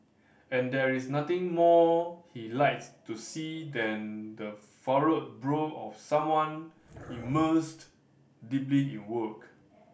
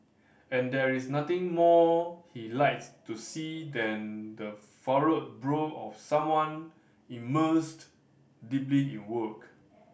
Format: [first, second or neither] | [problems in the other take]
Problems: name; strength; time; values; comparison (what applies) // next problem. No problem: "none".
second | background sound (Dog); 18 dB below the speech